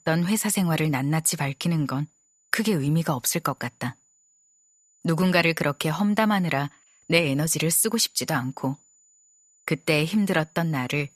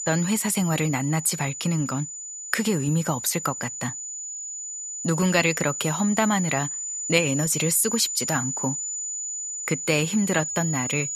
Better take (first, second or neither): first